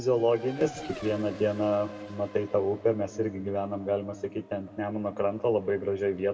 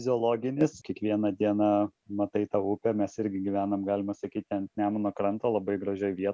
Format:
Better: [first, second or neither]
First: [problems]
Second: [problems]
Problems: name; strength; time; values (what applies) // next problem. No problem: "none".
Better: second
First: background sound (Race car, auto racing); 19 dB below the speech // room echo; dies away in 1 s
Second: none